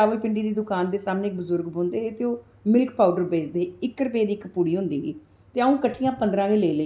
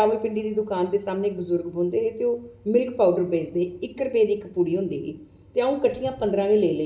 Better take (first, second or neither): first